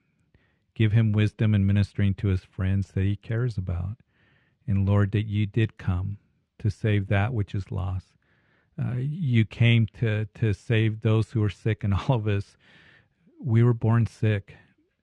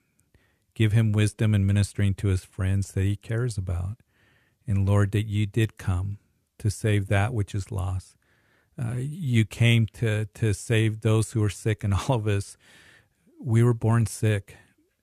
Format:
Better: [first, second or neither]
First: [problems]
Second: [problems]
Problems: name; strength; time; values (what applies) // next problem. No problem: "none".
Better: second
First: muffled; slightly; fading above 3 kHz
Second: none